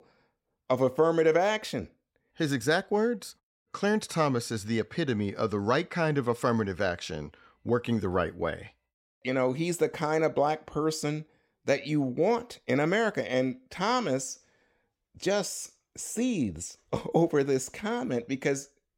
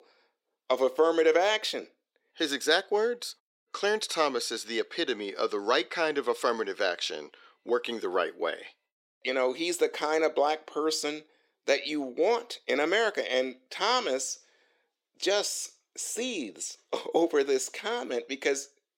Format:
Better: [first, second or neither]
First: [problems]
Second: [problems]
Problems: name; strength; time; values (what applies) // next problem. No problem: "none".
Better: first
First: none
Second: thin; somewhat; fading below 350 Hz